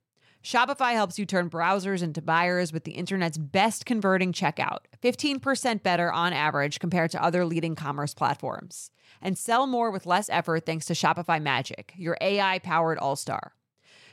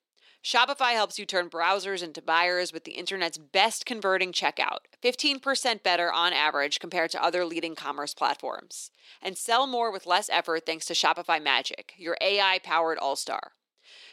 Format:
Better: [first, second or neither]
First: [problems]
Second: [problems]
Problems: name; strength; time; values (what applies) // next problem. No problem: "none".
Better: first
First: none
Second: thin; somewhat; fading below 300 Hz